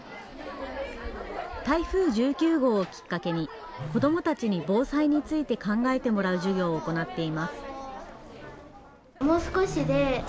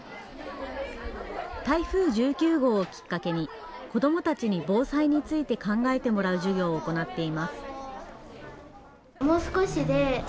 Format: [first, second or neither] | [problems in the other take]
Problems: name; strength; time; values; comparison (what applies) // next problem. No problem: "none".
second | background sound (Telephone); 14 dB below the speech